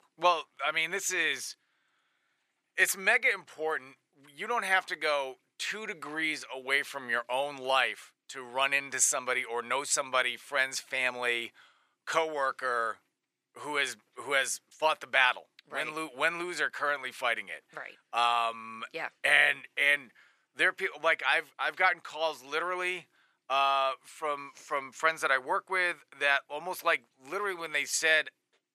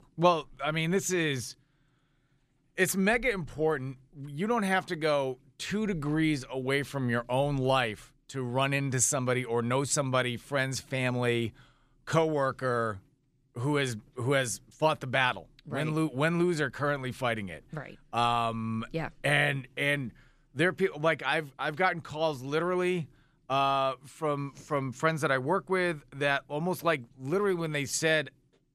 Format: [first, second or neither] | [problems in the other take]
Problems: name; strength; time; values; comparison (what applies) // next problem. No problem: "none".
second | thin; very; fading below 650 Hz